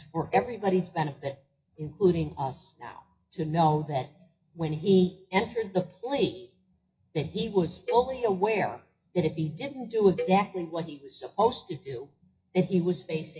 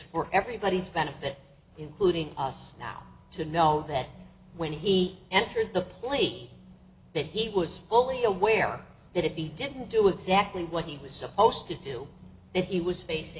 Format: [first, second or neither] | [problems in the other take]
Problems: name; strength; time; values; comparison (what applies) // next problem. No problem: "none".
second | noise reduction (classical method WPE with log-MMSE)